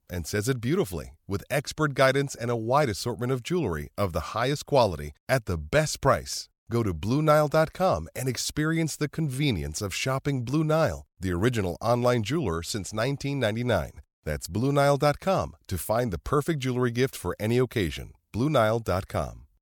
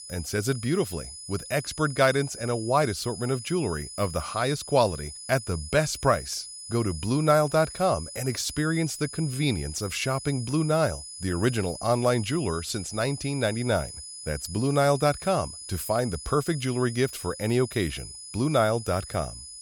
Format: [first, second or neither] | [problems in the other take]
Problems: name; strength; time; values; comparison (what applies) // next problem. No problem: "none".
first | high-pitched whine; noticeable; throughout; 10 kHz, 10 dB below the speech